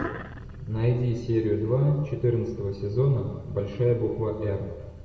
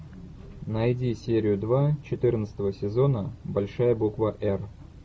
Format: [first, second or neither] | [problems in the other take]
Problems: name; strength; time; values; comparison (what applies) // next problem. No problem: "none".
second | room echo; dies away in 1.1 s